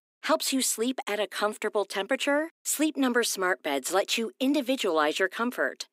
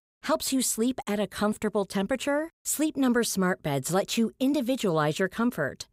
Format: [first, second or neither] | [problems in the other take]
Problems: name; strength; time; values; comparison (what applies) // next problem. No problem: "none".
second | thin; very slightly; fading below 250 Hz